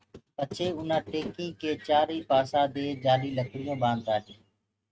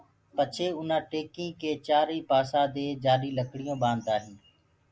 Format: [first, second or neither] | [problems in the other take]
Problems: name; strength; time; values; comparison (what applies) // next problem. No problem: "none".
second | noise reduction (neural mask model RNNoise)